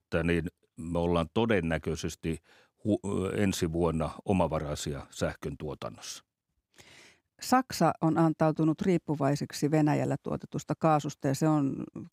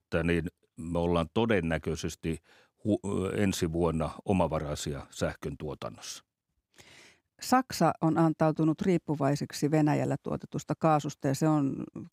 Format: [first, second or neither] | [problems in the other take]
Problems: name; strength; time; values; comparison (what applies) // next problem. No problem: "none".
neither | none